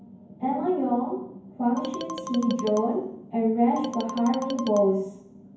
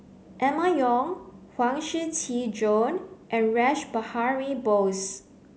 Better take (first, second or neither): second